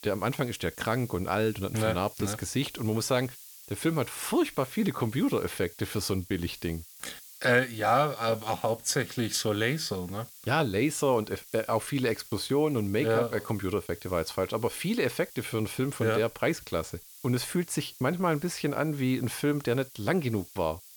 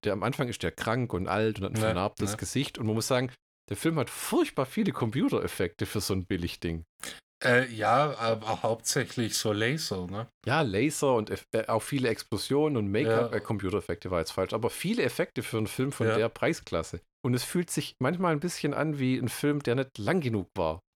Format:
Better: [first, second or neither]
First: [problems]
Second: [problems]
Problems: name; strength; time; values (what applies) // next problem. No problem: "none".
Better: second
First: hiss; noticeable; throughout; 20 dB below the speech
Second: none